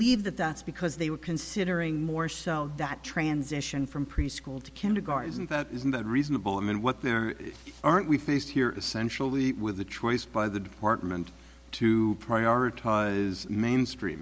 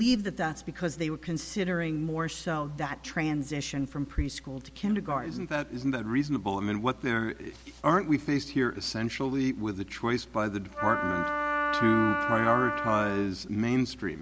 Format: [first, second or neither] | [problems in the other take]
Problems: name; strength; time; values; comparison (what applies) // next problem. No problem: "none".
first | background sound (Wind instrument, woodwind instrument); 1 dB below the speech